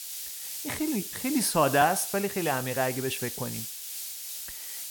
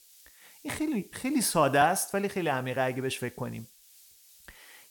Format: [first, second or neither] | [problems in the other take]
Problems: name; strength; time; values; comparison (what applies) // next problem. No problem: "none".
second | hiss; loud; throughout; 7 dB below the speech; faint in the second